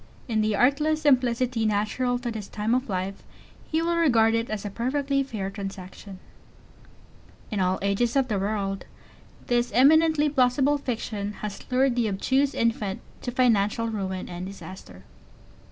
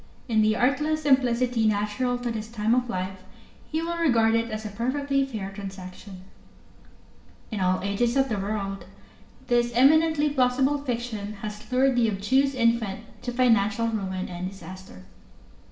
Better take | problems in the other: first | room echo; dies away in 0.8 s

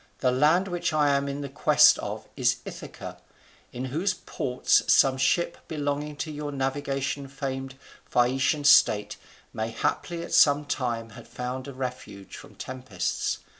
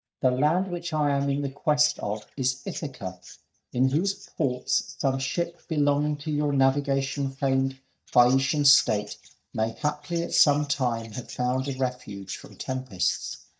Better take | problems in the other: first | noise reduction (neural mask model DeepFilterNet 3)

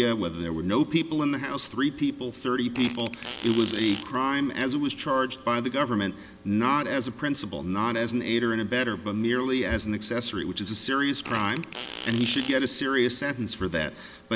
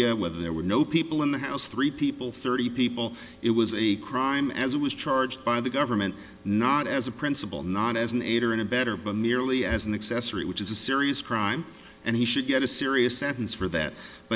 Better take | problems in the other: second | background sound (Fart); 12 dB below the speech

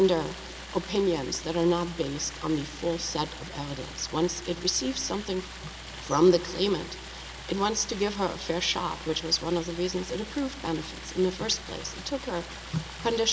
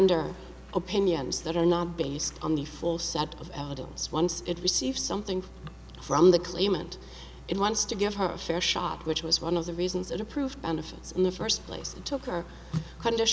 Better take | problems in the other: second | background sound (Stream); 14 dB below the speech

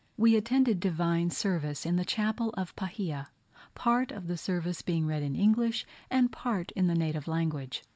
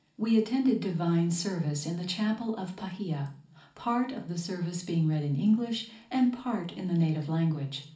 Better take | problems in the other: first | room echo; dies away in 0.4 s

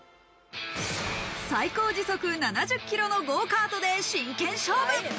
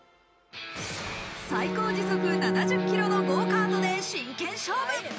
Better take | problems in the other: first | background sound (Bowed string instrument); 2 dB above the speech

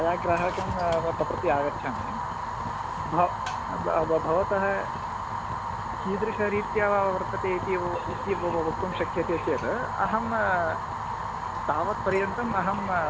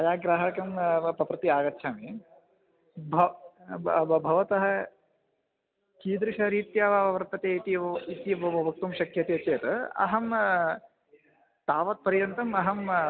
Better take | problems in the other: second | background sound (Fire); 3 dB below the speech

